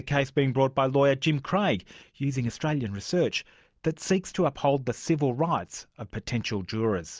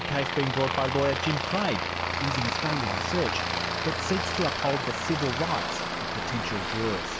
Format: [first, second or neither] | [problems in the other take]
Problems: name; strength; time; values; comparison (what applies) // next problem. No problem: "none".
first | background sound (Aircraft); 1 dB above the speech